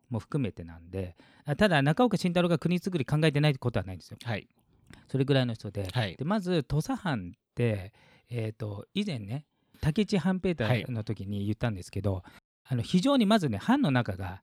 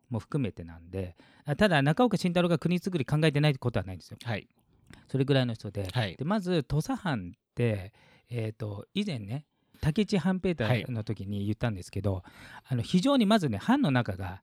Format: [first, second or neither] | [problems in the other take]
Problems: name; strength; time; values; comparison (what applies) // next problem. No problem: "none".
second | audio cutting out; at 12 s